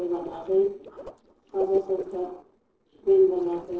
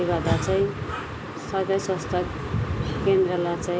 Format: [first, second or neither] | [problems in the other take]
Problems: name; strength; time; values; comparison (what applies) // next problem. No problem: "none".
second | noise reduction (neural separator model SepFormer DNS4)